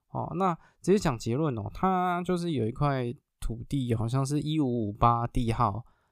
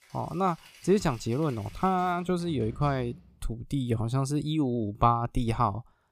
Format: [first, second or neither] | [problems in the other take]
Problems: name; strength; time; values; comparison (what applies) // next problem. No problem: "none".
first | background music; faint; until 3 s; 20 dB below the speech